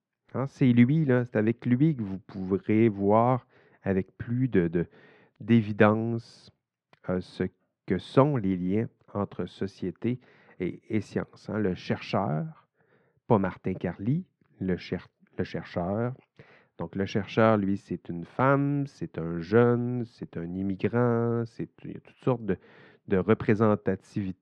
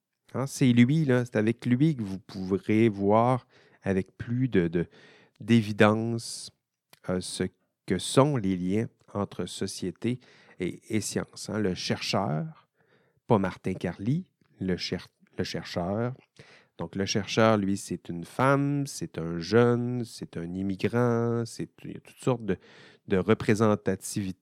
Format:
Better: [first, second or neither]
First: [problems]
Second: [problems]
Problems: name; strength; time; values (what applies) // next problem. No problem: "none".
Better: second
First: muffled; very; fading above 2 kHz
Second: none